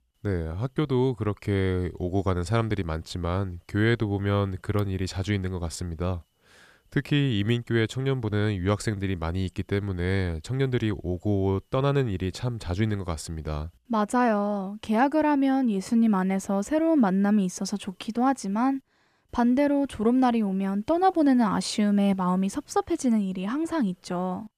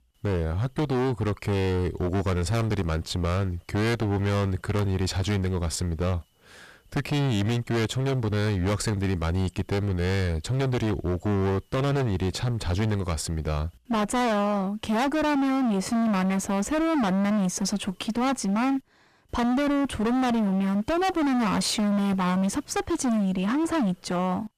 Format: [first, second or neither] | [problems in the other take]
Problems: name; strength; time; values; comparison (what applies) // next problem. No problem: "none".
first | distortion; heavy; 32% of the sound clipped